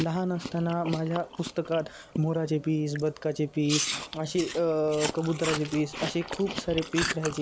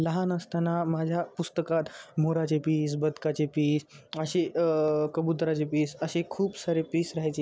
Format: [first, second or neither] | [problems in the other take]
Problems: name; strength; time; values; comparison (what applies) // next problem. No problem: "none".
second | background sound (Chewing, mastication); 8 dB below the speech